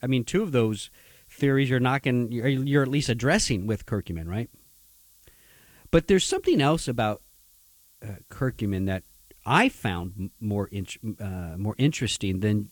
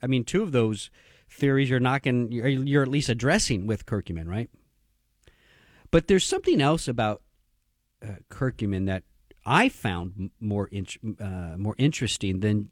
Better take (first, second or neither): second